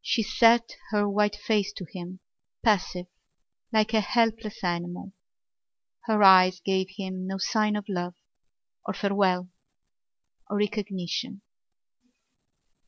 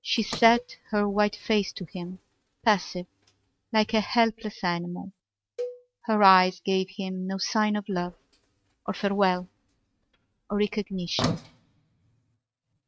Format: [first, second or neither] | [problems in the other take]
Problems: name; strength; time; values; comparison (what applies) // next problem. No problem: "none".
first | noise reduction (neural mask model RNNoise)